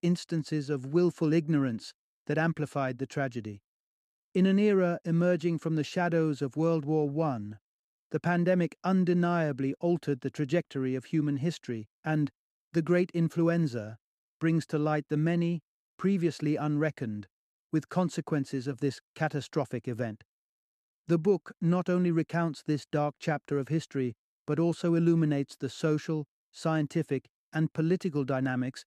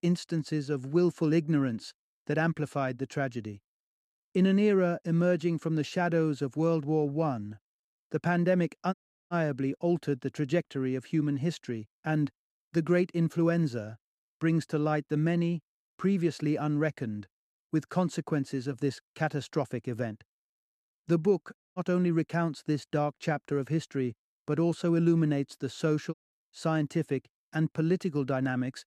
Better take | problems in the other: first | audio cutting out; at 9 s, at 22 s and at 26 s

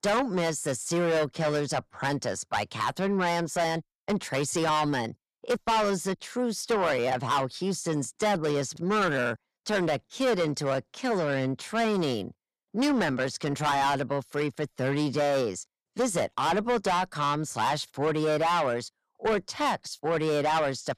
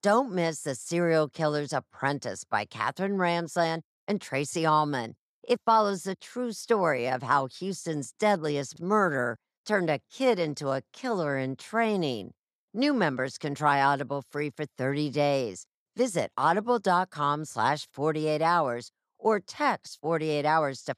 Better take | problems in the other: second | distortion; heavy; 6 dB below the speech

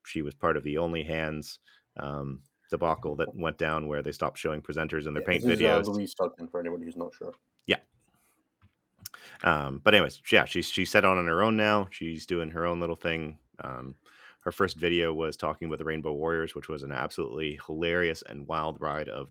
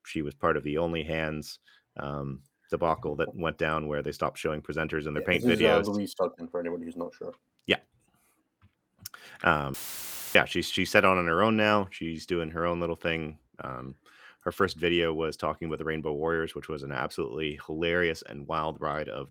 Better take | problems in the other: first | audio cutting out; filled with static; at 9.5 s for 0.5 s

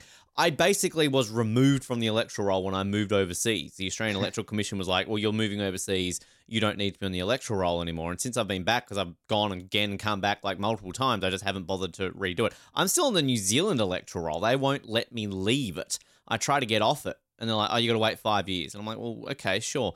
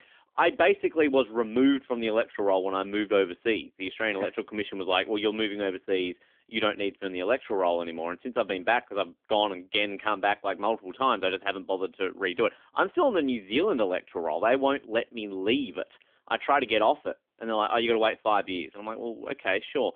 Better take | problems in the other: first | phone-call audio; nothing above 3.5 kHz

